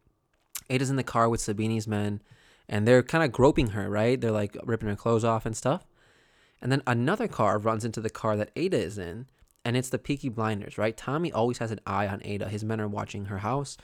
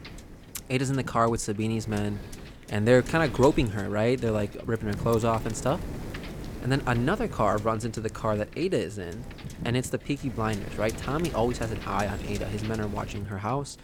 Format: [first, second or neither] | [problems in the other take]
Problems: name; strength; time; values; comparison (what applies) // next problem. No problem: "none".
first | wind noise on the microphone; occasional gusts; 15 dB below the speech